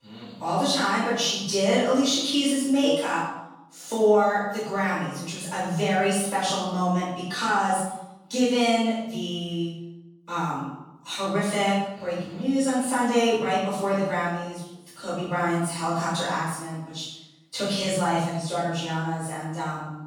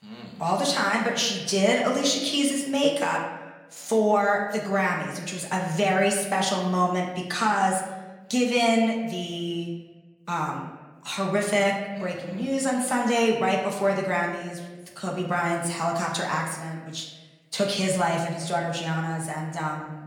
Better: second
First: room echo; strong; dies away in 0.8 s // off-mic speech; far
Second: room echo; slight; dies away in 1 s // off-mic speech; far

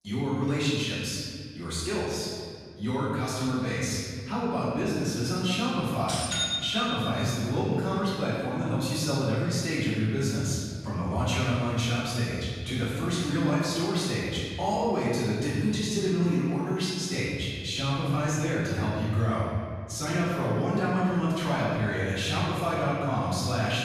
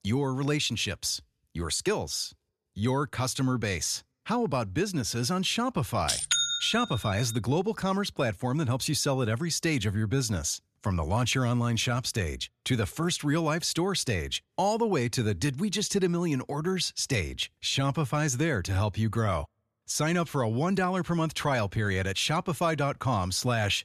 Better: second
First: room echo; strong; dies away in 1.9 s // off-mic speech; far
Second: none

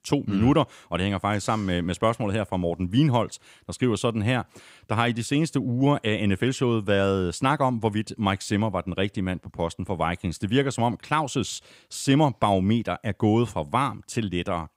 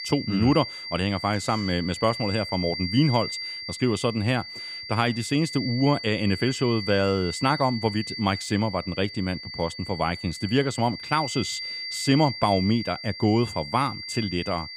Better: first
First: none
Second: high-pitched whine; loud; throughout; 4.5 kHz, 8 dB below the speech

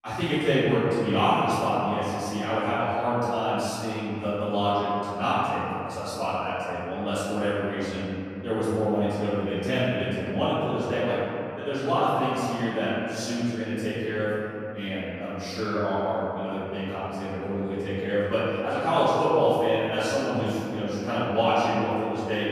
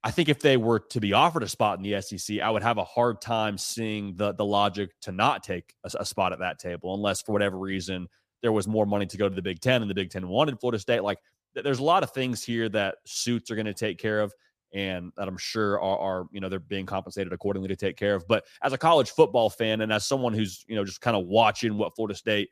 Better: second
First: off-mic speech; far // room echo; strong; dies away in 2.7 s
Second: none

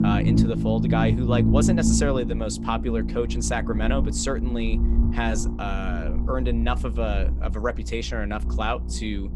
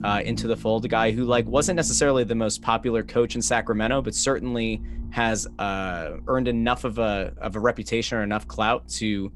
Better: second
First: low rumble; loud; throughout; 5 dB below the speech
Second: low rumble; faint; throughout; 25 dB below the speech

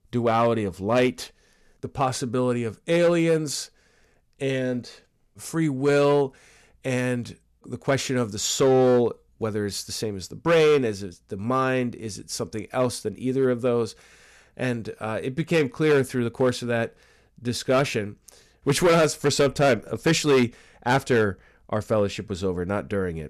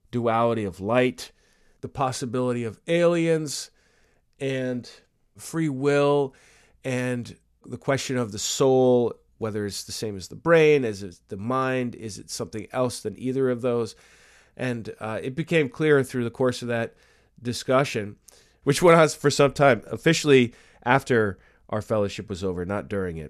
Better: second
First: distortion; slight; 4% of the sound clipped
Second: none

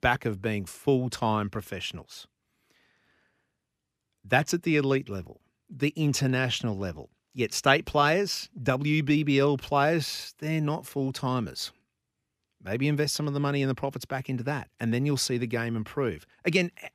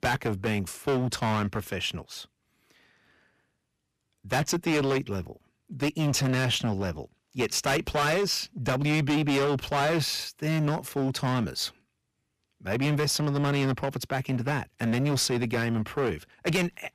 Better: first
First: none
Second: distortion; heavy; 14% of the sound clipped

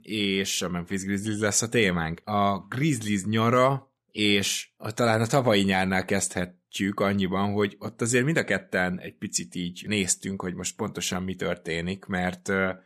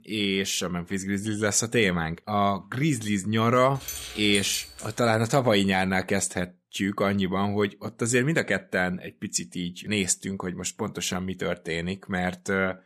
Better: first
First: none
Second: jangling keys; noticeable; from 4 to 5 s; peak 6 dB below the speech

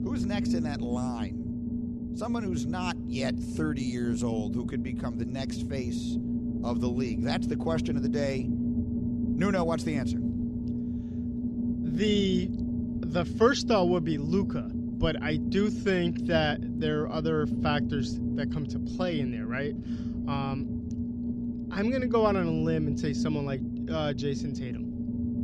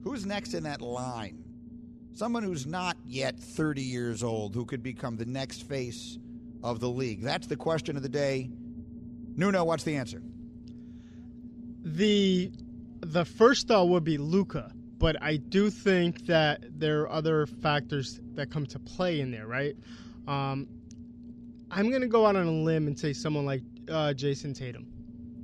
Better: second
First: low rumble; loud; throughout; 6 dB below the speech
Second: low rumble; faint; throughout; 20 dB below the speech

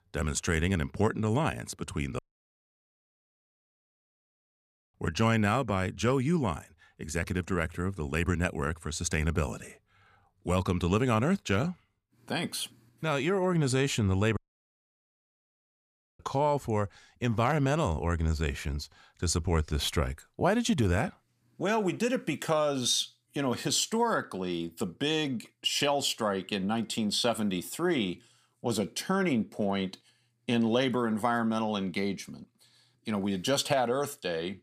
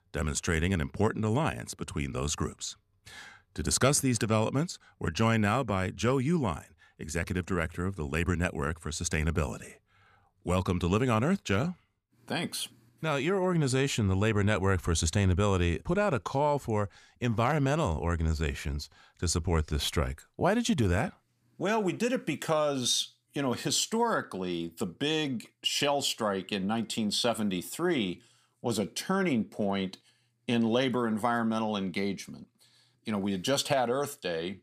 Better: second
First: audio cutting out; at 2 s for 3 s and at 14 s for 2 s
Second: none

